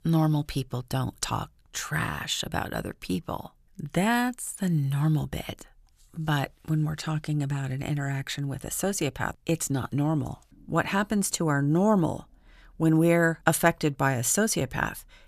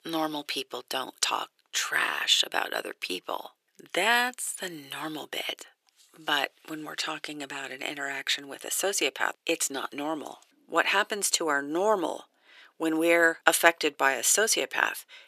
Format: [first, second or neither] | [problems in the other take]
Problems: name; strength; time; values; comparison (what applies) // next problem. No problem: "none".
first | thin; very; fading below 400 Hz